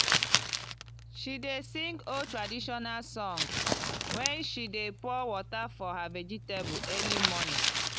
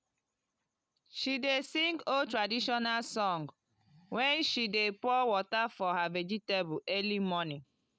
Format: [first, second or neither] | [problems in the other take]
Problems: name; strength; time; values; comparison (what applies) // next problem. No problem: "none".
second | background sound (Crumpling, crinkling); 3 dB above the speech